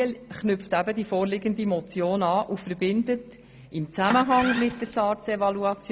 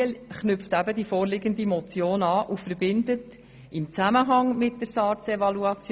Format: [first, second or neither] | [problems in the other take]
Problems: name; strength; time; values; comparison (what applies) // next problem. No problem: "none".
second | background sound (Engine starting); 8 dB below the speech